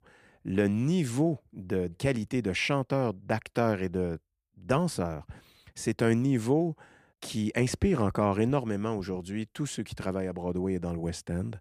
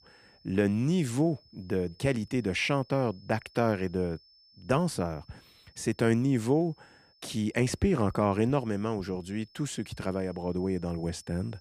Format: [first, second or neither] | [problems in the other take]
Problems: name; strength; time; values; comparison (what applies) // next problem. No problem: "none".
first | high-pitched whine; faint; throughout; 5 kHz, 30 dB below the speech